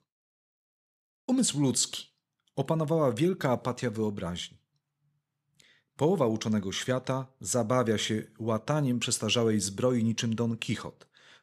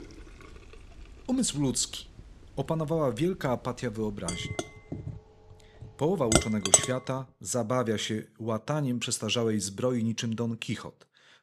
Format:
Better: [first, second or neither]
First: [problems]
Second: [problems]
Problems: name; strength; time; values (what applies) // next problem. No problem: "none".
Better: first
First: none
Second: household noises; very loud; until 7 s; 2 dB above the speech